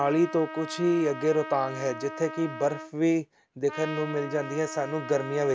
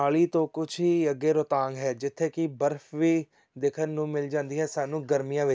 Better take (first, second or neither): second